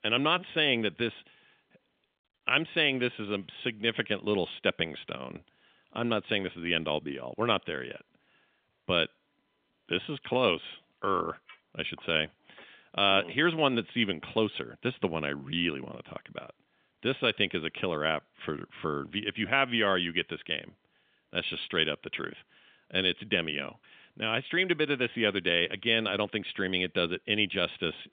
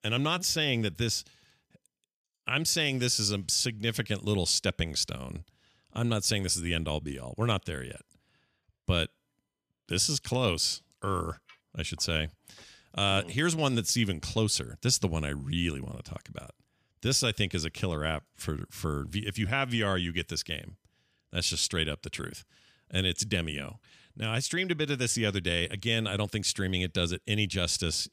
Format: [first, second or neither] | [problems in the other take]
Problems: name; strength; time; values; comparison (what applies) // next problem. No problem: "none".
second | phone-call audio; nothing above 3.5 kHz